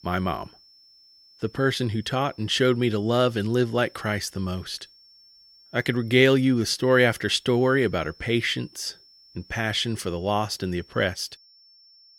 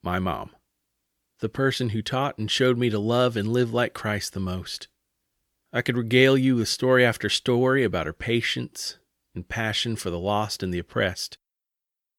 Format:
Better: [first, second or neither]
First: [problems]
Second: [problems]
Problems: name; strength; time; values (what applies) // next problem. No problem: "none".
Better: second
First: high-pitched whine; faint; throughout; 5.5 kHz, 30 dB below the speech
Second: none